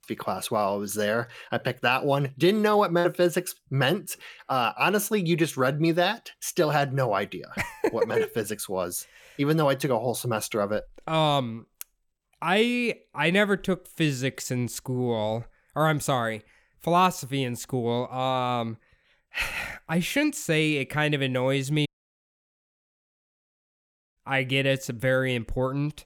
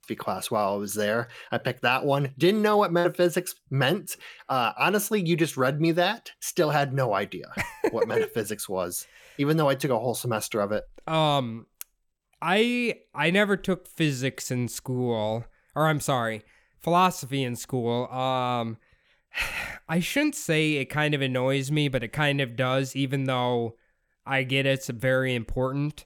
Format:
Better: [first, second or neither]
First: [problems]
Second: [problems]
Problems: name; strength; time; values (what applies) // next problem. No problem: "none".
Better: second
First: audio cutting out; at 22 s for 2.5 s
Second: none